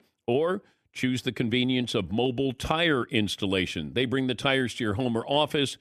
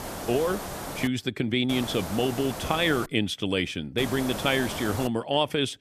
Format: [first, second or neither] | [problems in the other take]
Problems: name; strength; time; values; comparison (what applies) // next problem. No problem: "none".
first | hiss; loud; until 1 s, from 1.5 to 3 s and from 4 to 5 s; 9 dB below the speech